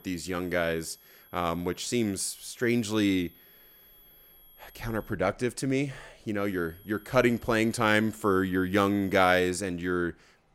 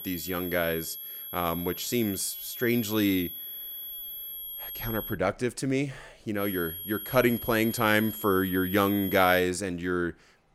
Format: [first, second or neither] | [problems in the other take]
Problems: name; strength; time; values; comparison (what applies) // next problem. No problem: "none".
first | high-pitched whine; loud; until 5 s and from 6.5 to 9.5 s; 11.5 kHz, 8 dB below the speech; faint in the first